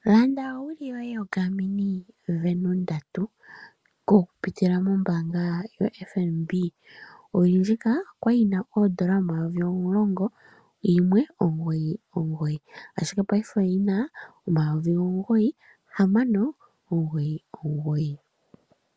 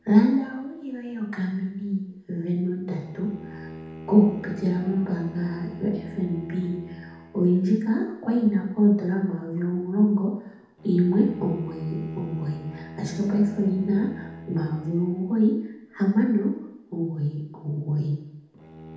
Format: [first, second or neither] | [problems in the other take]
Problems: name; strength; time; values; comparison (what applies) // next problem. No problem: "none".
first | background sound (Bowed string instrument); 17 dB below the speech // room echo; dies away in 0.8 s